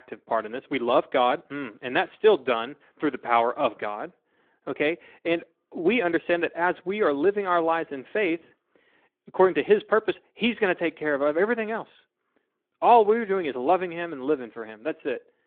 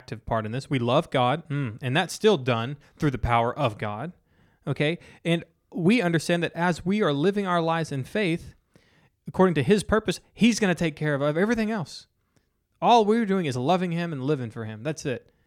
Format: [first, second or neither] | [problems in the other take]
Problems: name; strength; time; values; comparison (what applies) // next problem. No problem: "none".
second | phone-call audio; nothing above 3.5 kHz